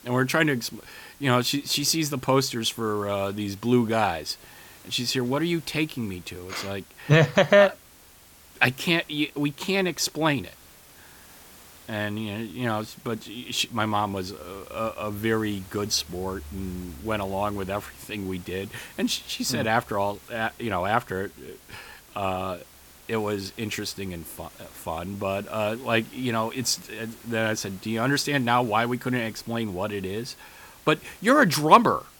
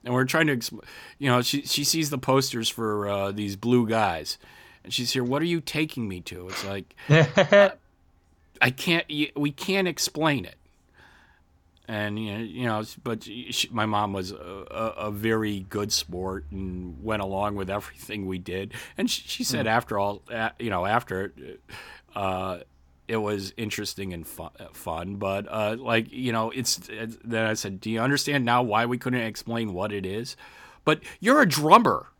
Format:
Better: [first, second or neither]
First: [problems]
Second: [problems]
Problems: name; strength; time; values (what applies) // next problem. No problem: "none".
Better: second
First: hiss; faint; throughout; 25 dB below the speech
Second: none